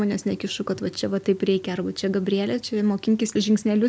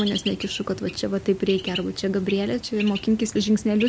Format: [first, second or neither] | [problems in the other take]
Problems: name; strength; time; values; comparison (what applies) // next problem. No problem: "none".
first | background sound (Bird); 13 dB below the speech